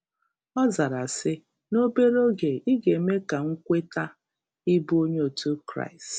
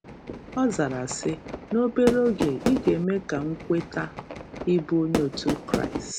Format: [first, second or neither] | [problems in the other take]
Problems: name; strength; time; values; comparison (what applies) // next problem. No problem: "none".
first | background sound (Fireworks); 6 dB below the speech